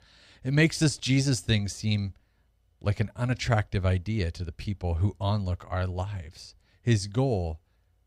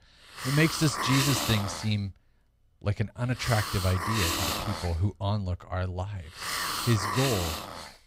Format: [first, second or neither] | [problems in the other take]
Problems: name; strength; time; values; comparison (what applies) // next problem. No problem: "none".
first | hiss; loud; throughout; 1 dB below the speech